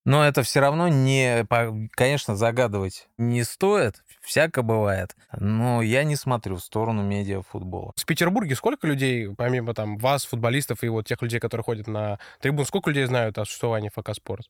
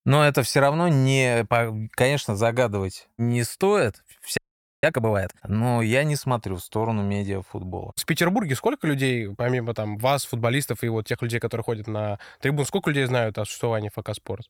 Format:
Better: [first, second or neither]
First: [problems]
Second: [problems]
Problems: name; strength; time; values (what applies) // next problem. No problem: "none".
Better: first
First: none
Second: audio freezing; at 4.5 s